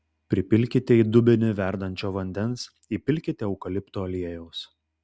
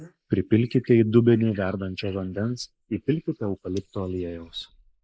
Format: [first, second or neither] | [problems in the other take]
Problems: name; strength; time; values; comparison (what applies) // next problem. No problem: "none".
first | noise reduction (neural mask model Resemble Enhance denoiser)